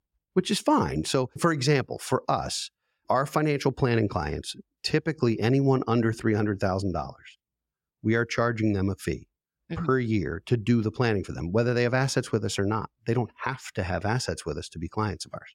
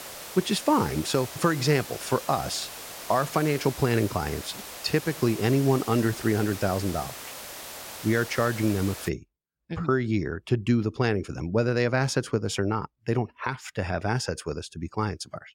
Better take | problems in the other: first | hiss; noticeable; until 9 s; 10 dB below the speech

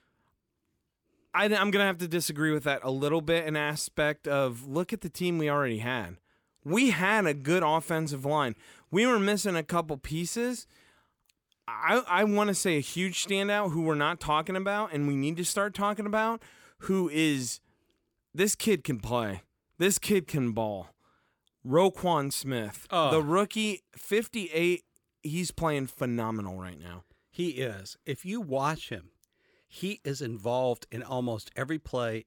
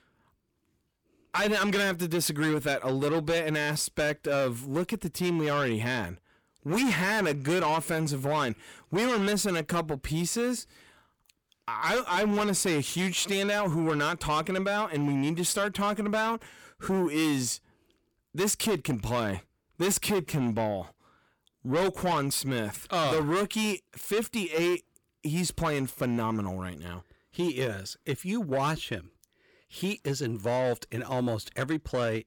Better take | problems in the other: first | distortion; heavy; 7 dB below the speech

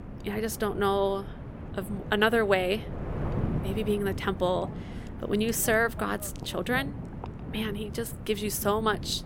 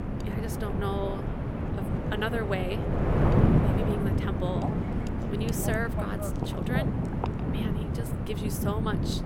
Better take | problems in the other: first | wind noise on the microphone; heavy; 1 dB above the speech; occasional gusts in the first

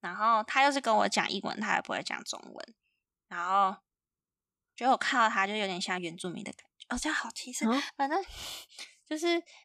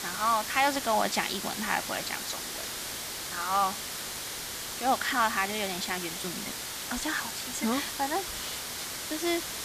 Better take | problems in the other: first | hiss; loud; throughout; 4 dB below the speech

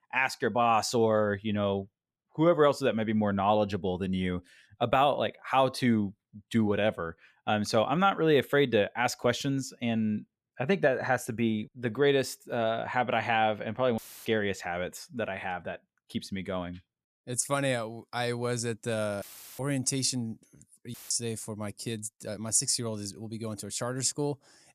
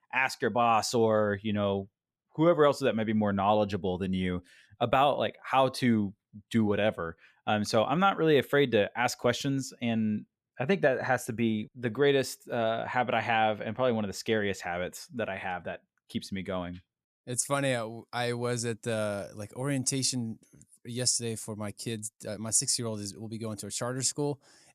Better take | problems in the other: second | audio cutting out; filled with static; at 14 s, at 19 s and at 21 s

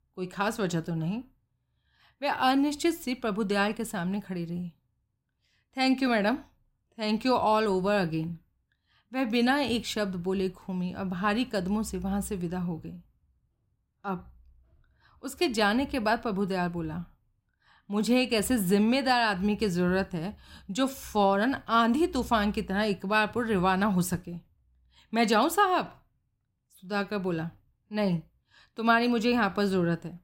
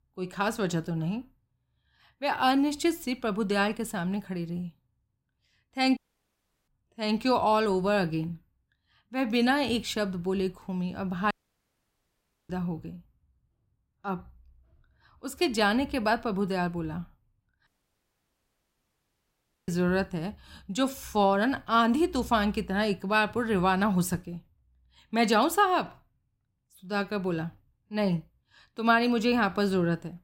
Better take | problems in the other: first | audio cutting out; at 6 s for 0.5 s, at 11 s for 1 s and at 18 s for 2 s

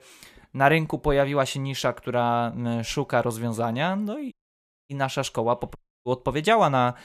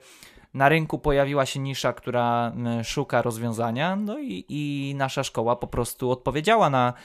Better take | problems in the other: second | audio cutting out; at 4.5 s for 0.5 s and at 6 s

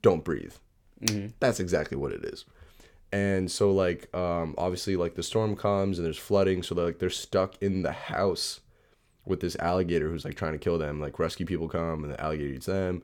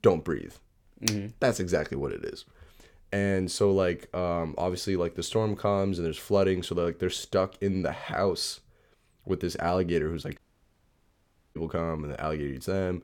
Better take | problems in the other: first | audio cutting out; at 10 s for 1 s

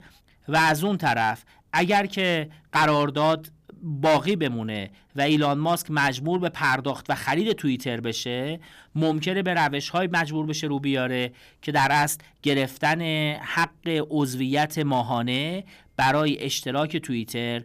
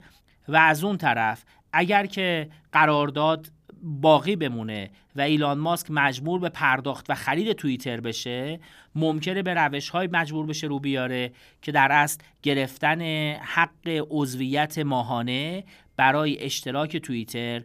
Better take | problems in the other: second | distortion; slight; 3% of the sound clipped

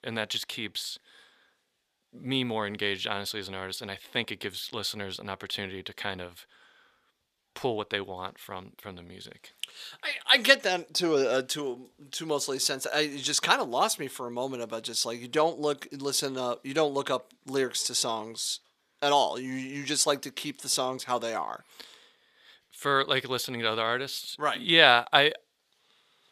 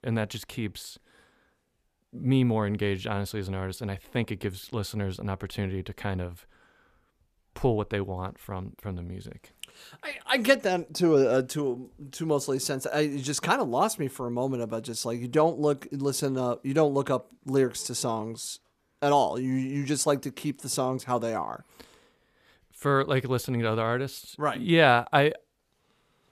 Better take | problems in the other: second | thin; somewhat; fading below 550 Hz

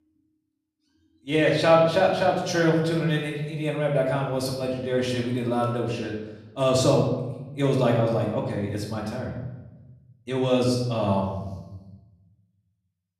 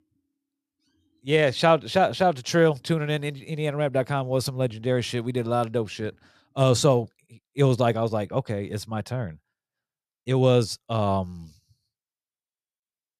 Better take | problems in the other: second | room echo; noticeable; dies away in 0.9 s // off-mic speech; far

